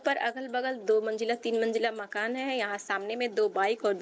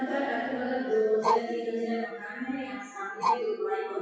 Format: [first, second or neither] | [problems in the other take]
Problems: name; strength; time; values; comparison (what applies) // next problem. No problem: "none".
first | noise reduction (classical method WPE with log-MMSE)